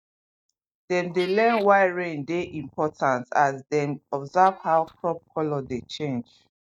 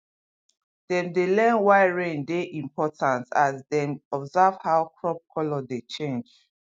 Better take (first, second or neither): second